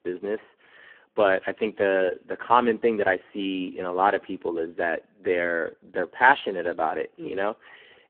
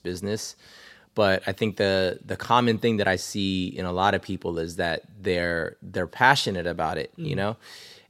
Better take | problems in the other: second | phone-call audio; poor line

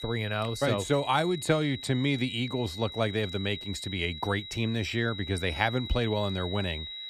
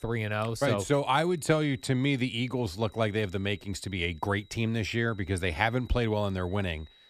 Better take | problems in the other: second | high-pitched whine; loud; throughout; 4 kHz, 9 dB below the speech; faint in the second

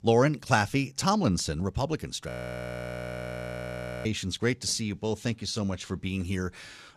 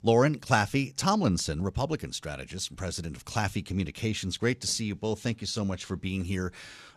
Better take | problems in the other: second | audio freezing; at 2.5 s for 2 s

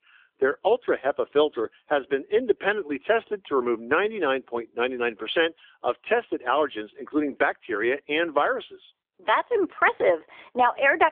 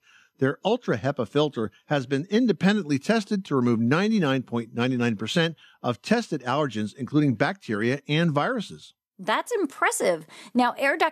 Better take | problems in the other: second | phone-call audio; nothing above 3.5 kHz

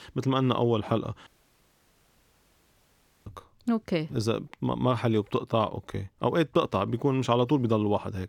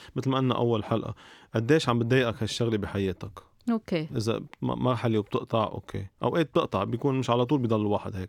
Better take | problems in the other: second | audio cutting out; at 1.5 s for 2 s

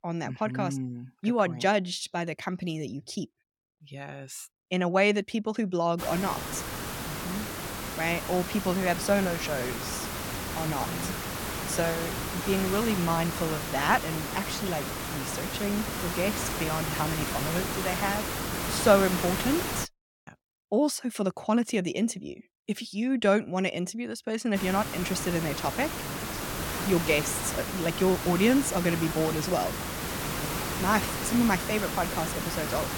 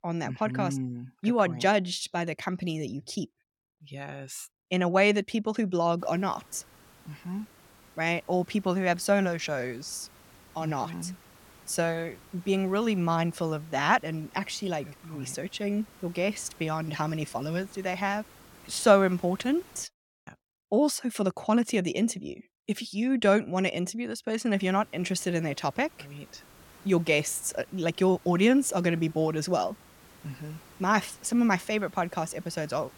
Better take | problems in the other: second | hiss; loud; from 6 to 20 s and from 25 s on; 4 dB below the speech; faint in the second

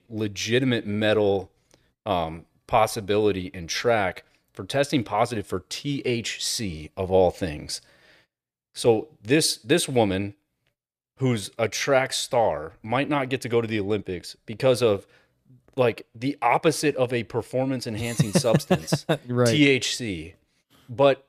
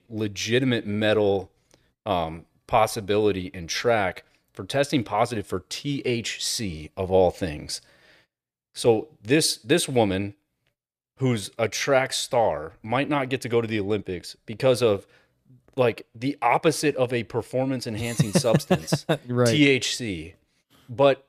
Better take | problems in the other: neither | none

